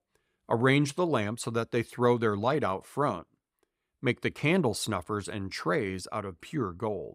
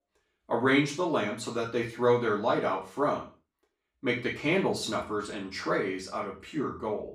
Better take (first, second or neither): first